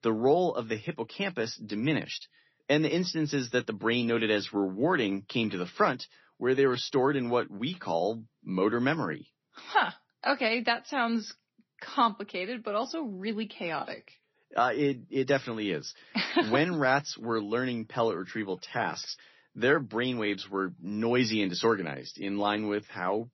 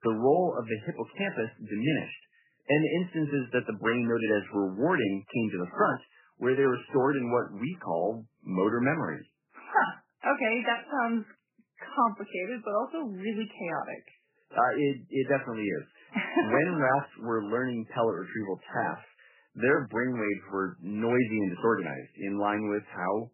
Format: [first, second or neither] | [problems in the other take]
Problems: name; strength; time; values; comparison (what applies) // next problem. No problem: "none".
first | garbled, watery; badly; nothing above 3 kHz; slightly in the first